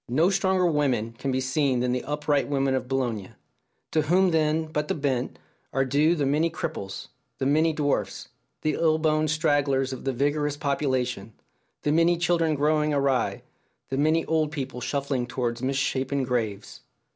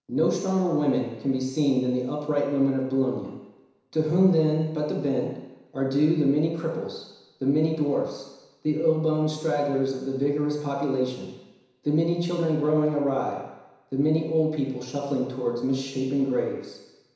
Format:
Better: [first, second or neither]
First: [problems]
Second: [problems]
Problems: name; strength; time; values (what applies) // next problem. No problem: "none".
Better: first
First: none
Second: room echo; dies away in 1 s